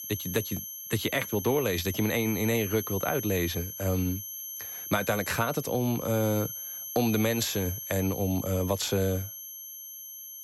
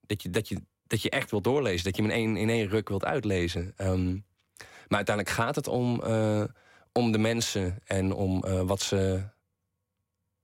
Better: second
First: high-pitched whine; loud; throughout; 11.5 kHz, 7 dB below the speech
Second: none

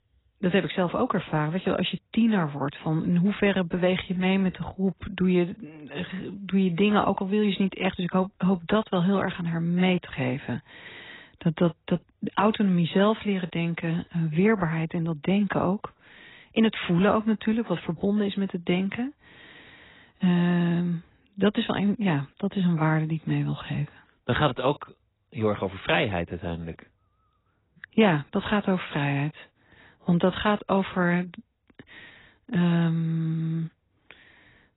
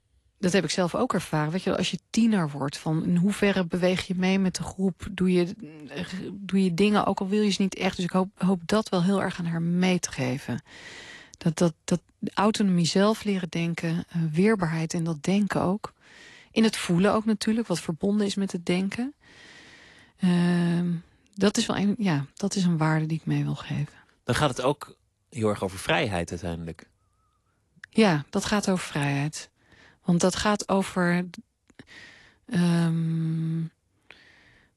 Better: second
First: garbled, watery; badly; nothing above 4 kHz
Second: garbled, watery; slightly; nothing above 11.5 kHz

